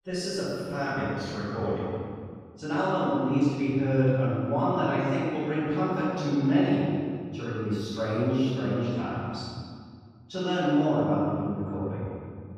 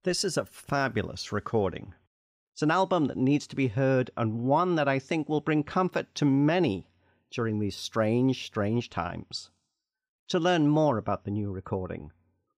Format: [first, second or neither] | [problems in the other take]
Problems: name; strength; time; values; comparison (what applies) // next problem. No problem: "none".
second | off-mic speech; far // room echo; strong; dies away in 2.1 s